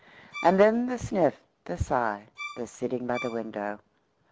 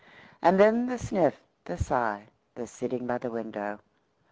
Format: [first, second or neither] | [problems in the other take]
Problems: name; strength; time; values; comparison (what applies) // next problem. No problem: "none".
second | background sound (Bowed string instrument); 15 dB below the speech